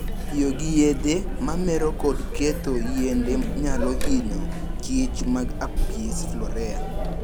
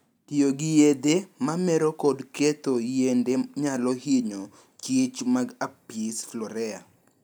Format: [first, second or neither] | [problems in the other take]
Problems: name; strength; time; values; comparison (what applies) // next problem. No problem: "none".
second | background sound (Chatter); 1 dB above the speech